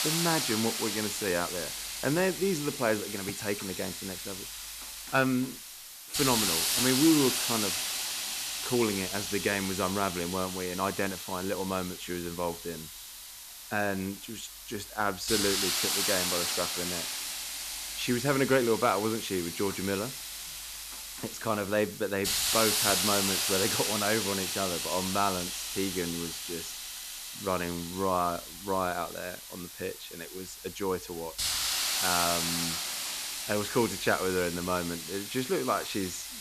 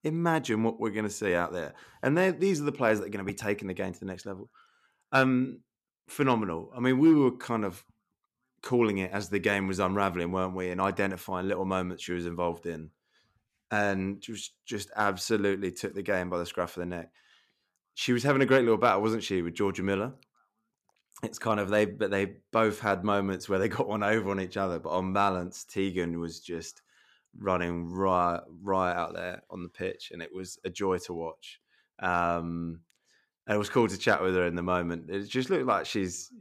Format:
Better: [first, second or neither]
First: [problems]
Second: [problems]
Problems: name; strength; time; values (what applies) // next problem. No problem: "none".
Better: second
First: hiss; loud; throughout; as loud as the speech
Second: none